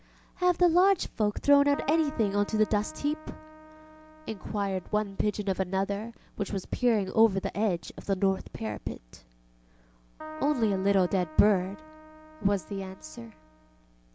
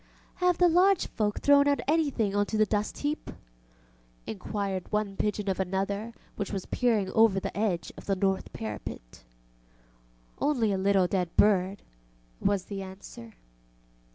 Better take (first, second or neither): second